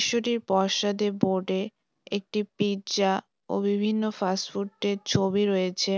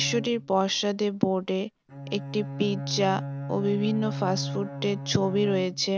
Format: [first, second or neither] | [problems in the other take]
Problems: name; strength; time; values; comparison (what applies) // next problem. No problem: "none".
first | background sound (Bowed string instrument); 8 dB below the speech